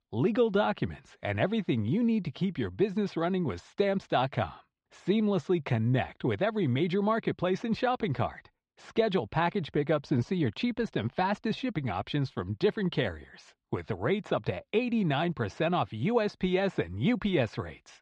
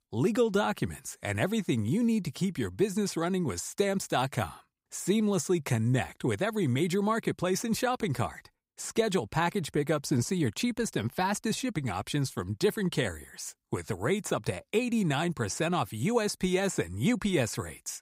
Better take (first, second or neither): second